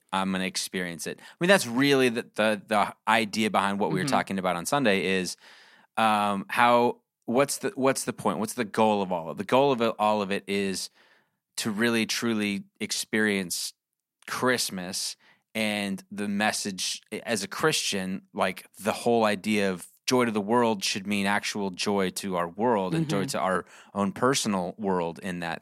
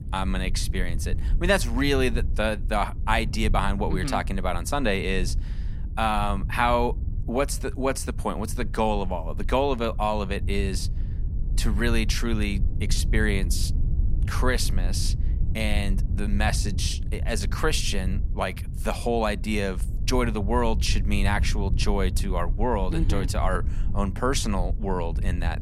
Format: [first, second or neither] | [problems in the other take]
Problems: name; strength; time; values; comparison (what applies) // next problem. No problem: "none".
first | low rumble; noticeable; throughout; 20 dB below the speech